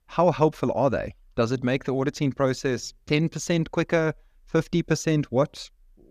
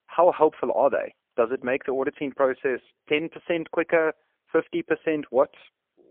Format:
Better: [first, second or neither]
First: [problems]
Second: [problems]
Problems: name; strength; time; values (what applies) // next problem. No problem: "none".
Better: first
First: none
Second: phone-call audio; poor line